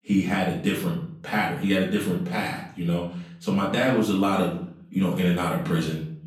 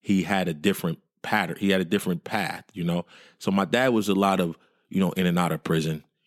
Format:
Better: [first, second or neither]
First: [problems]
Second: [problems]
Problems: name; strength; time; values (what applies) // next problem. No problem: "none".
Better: second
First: off-mic speech; far // room echo; noticeable; dies away in 0.6 s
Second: none